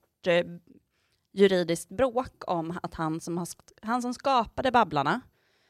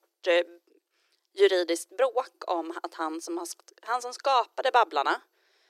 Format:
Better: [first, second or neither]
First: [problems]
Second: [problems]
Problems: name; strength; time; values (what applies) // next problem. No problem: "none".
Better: first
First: none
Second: thin; very; fading below 350 Hz